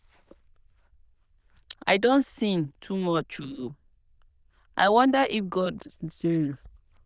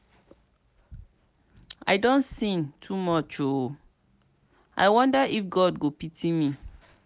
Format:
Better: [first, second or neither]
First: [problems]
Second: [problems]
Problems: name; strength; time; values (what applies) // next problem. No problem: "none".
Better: second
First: noise reduction (neural diffusion model UNIVERSE++)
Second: none